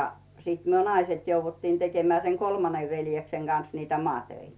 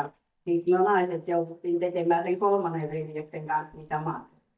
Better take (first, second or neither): first